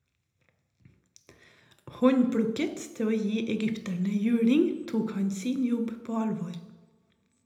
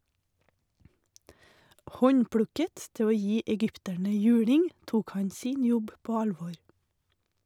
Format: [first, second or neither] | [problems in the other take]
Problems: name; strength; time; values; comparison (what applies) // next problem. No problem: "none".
second | room echo; dies away in 0.8 s